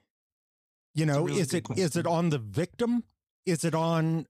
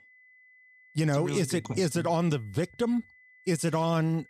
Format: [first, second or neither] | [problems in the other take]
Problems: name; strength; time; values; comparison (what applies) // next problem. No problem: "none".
first | high-pitched whine; faint; throughout; 2 kHz, 25 dB below the speech